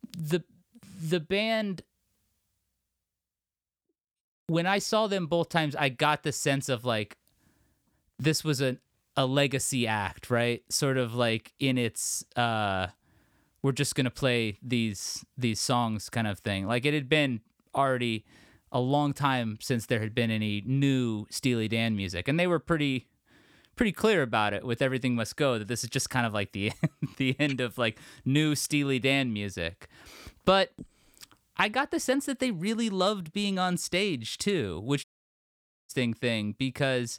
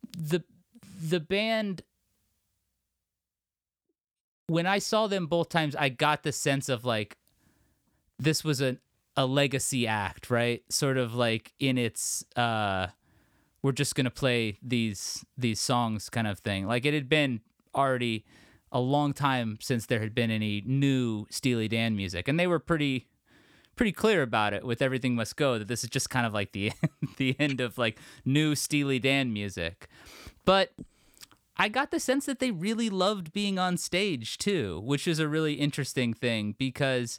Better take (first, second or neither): second